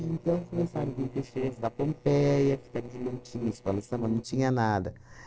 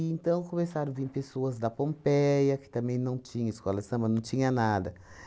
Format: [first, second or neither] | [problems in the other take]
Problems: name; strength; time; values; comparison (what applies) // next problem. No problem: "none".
second | noise reduction (neural separator model SepFormer DNS4)